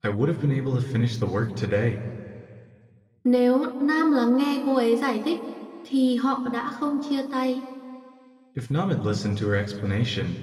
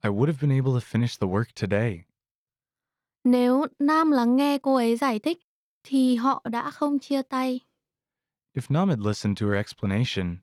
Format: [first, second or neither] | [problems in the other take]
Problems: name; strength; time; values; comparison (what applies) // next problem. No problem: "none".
second | room echo; slight; dies away in 1.8 s // off-mic speech; somewhat distant